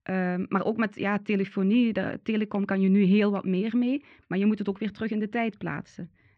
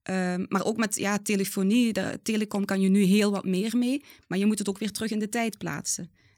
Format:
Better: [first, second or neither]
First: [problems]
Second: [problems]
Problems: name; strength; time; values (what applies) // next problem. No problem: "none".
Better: second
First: muffled; very; fading above 3 kHz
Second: none